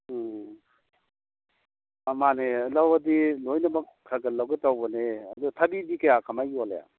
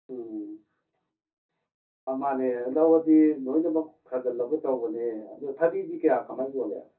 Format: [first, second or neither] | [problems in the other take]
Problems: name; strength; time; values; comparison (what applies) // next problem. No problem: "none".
first | room echo; dies away in 0.3 s